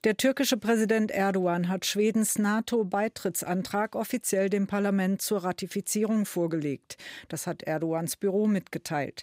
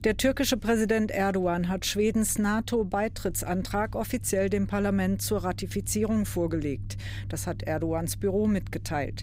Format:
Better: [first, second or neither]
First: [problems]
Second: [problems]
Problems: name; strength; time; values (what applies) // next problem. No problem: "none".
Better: first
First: none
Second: low rumble; faint; throughout; 25 dB below the speech